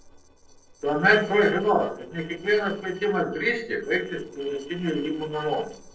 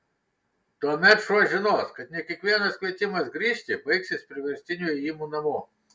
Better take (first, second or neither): second